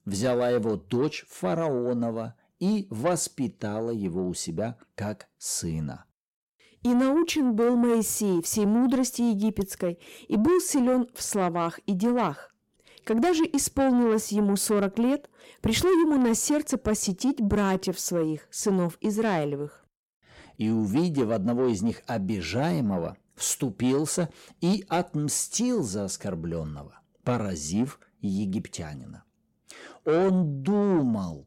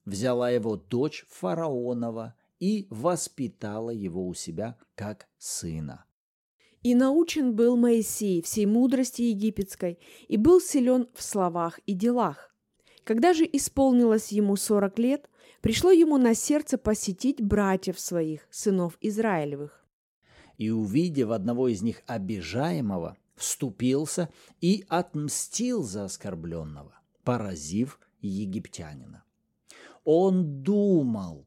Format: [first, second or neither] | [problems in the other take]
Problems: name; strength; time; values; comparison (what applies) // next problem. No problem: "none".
second | distortion; slight; 10 dB below the speech